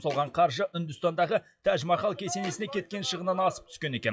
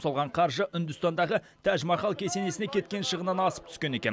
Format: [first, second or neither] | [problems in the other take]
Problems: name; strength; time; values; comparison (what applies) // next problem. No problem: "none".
second | noise reduction (classical method WPE with log-MMSE)